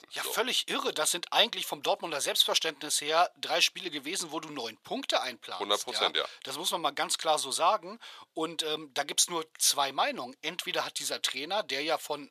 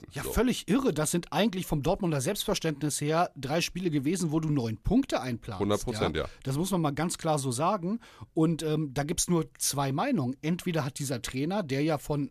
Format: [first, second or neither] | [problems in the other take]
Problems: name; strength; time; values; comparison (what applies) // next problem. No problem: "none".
second | thin; very; fading below 750 Hz